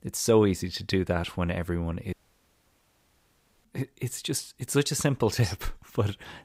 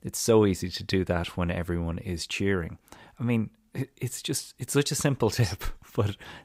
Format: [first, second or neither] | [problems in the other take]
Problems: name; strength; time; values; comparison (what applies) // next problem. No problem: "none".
second | audio cutting out; at 2 s for 1.5 s